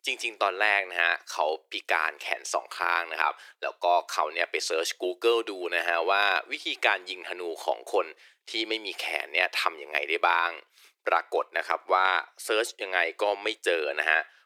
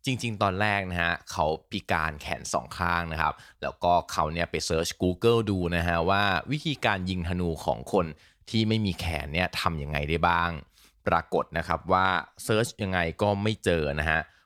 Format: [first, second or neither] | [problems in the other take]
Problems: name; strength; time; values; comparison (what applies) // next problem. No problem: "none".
second | thin; very; fading below 350 Hz